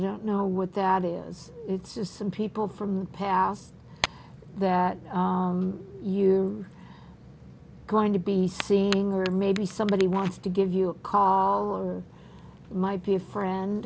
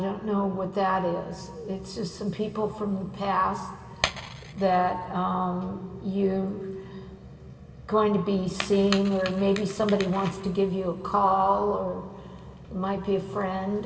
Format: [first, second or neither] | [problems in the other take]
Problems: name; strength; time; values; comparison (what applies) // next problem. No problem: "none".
first | room echo; dies away in 2.3 s